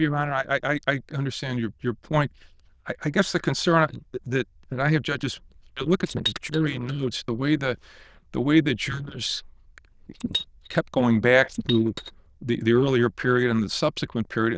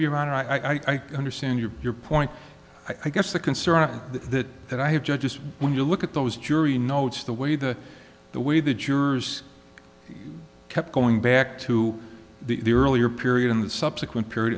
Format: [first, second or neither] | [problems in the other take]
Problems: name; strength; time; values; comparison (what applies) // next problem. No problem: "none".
second | noise reduction (neural diffusion model UNIVERSE++)